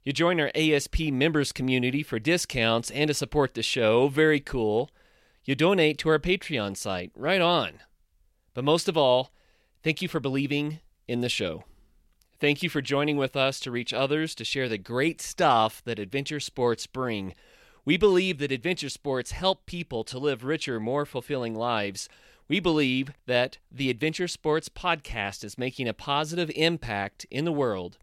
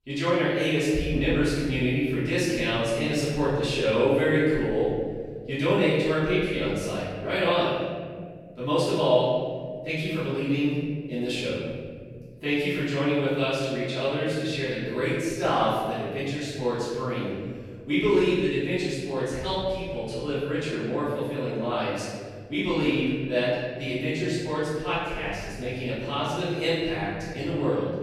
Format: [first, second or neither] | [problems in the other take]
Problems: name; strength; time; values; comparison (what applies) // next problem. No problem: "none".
first | room echo; strong; dies away in 2.2 s // off-mic speech; far